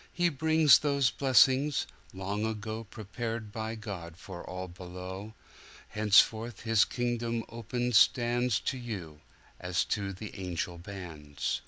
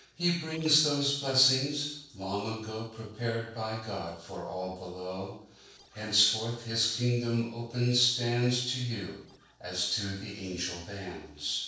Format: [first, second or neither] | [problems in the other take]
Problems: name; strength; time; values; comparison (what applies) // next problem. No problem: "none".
first | noise reduction (neural separator model SepFormer DNS4)